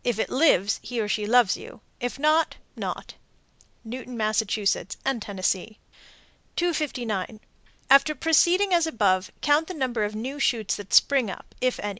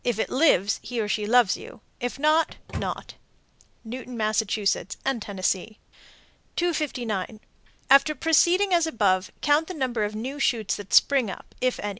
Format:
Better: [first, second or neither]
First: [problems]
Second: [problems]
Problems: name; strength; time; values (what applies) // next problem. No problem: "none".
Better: first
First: none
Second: background sound (Microwave oven); 10 dB below the speech